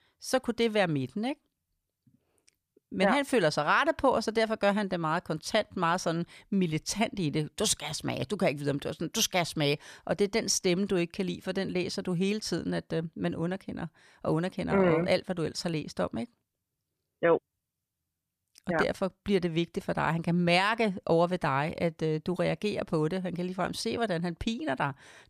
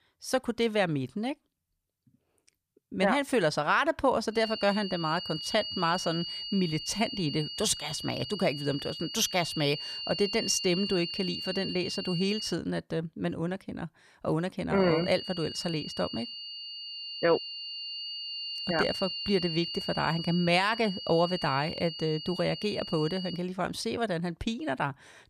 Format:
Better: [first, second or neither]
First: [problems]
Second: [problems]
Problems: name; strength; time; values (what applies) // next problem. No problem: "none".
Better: first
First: none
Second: high-pitched whine; loud; from 4.5 to 13 s and from 15 to 23 s; 3 kHz, 6 dB below the speech